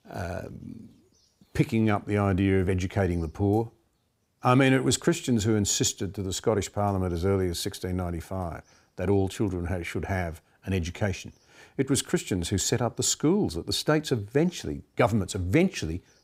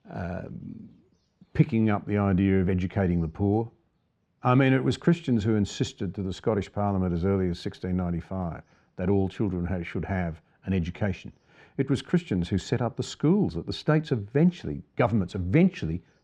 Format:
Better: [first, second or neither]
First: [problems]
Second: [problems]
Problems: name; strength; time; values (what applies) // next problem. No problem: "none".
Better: first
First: none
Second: muffled; slightly; fading above 3 kHz